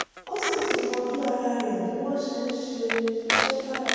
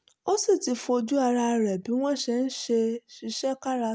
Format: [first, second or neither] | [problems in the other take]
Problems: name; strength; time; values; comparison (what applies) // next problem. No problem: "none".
second | background sound (Squeak); 4 dB below the speech // room echo; dies away in 2.2 s